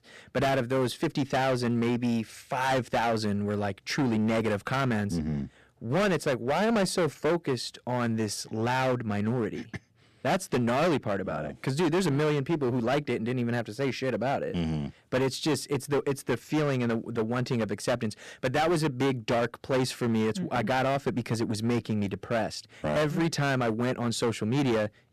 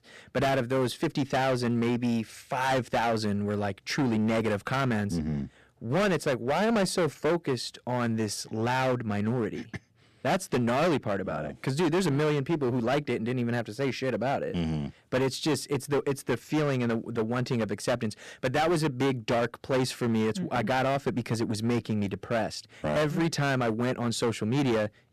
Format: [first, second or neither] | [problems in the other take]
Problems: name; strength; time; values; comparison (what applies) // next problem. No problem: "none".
neither | distortion; heavy; 16% of the sound clipped; the same in both